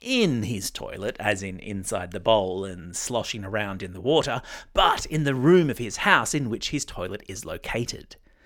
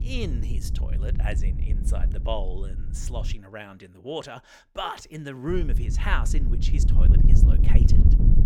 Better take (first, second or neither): first